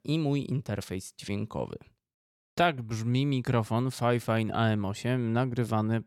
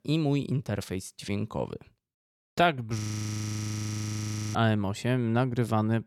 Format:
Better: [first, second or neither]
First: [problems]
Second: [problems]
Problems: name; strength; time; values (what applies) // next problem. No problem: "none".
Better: first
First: none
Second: audio freezing; at 3 s for 1.5 s